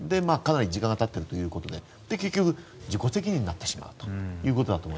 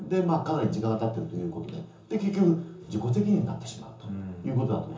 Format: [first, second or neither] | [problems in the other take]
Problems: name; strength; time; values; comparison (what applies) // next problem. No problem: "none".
first | room echo; dies away in 0.6 s